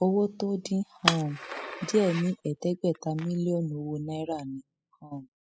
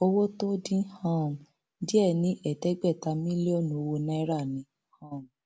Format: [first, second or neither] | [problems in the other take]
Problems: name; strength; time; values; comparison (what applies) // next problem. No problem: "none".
second | noise reduction (classical method spectral subtraction)